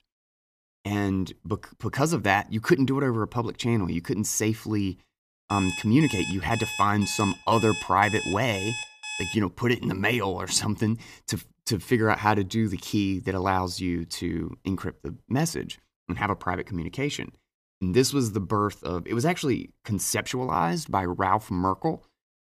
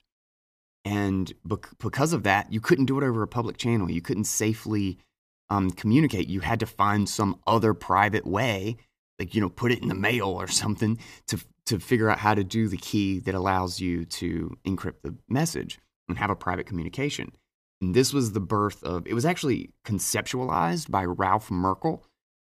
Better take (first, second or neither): second